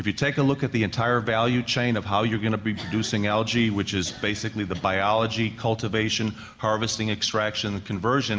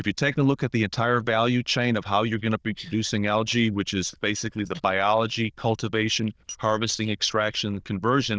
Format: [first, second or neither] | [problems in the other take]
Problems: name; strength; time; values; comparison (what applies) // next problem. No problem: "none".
first | noise reduction (neural diffusion model UNIVERSE++)